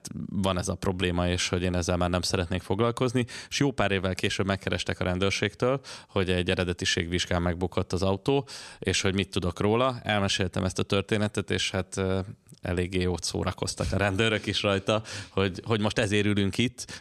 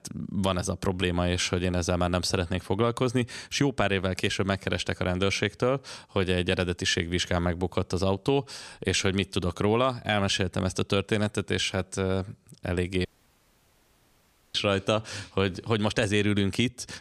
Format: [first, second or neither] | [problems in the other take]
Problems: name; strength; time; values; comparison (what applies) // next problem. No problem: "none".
first | audio cutting out; at 13 s for 1.5 s